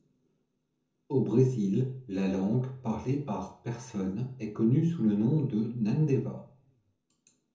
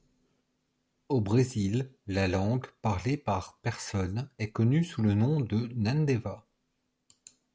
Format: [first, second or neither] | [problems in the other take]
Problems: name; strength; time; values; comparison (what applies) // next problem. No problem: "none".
second | room echo; dies away in 0.6 s